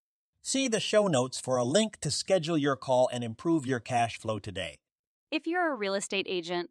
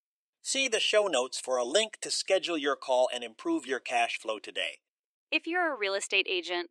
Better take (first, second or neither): first